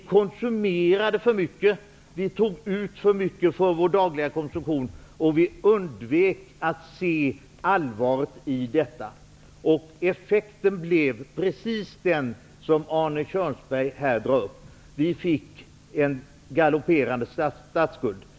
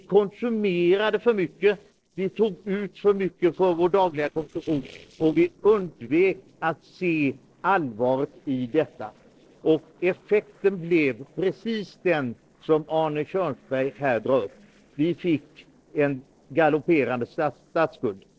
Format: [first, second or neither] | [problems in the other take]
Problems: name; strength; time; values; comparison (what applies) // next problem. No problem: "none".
first | noise reduction (neural separator model SepFormer DNS4)